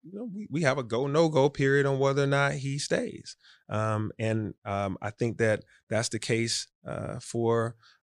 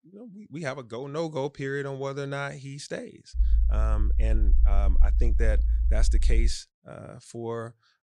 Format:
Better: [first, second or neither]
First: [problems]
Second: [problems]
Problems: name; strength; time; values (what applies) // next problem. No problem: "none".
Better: first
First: none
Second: low rumble; noticeable; from 3.5 to 6.5 s; 15 dB below the speech